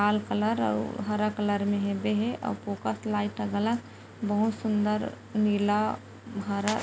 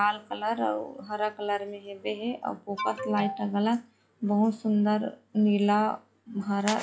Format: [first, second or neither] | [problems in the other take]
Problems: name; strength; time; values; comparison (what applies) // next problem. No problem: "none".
first | noise reduction (classical method log-MMSE)